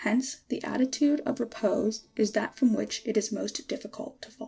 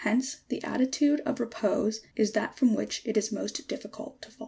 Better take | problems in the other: second | noise reduction (neural separator model SepFormer DNS4)

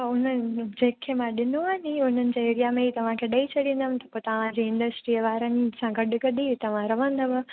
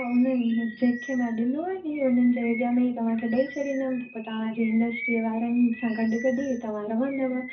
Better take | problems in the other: first | background sound (Bird vocalization, bird call, bird song); 16 dB below the speech // room echo; dies away in 0.4 s

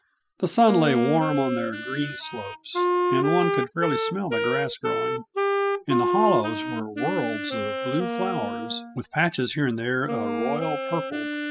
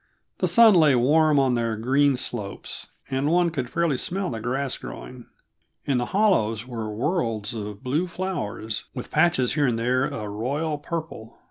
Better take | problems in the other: second | noise reduction (classical method spectral subtraction)

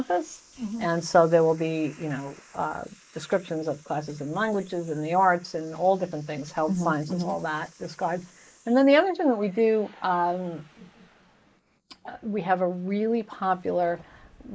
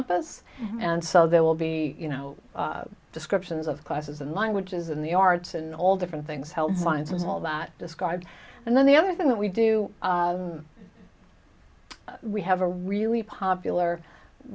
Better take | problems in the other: second | noise reduction (neural mask model Resemble Enhance denoiser)

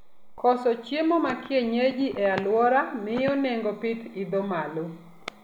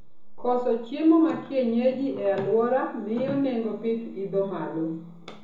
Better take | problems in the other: first | room echo; dies away in 0.6 s

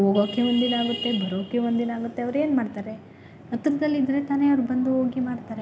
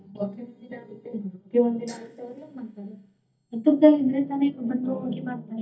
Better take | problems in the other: first | noise reduction (neural mask model DeepFilterNet 3)

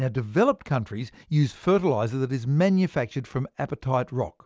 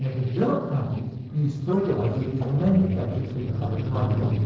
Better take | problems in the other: first | noise reduction (neural separator model SepFormer DNS4)

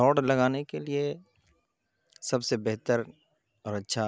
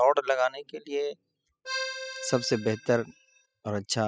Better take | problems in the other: first | noise reduction (classical method spectral subtraction)

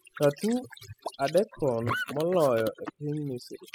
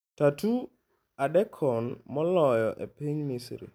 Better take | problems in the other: second | noise reduction (classical method spectral subtraction)

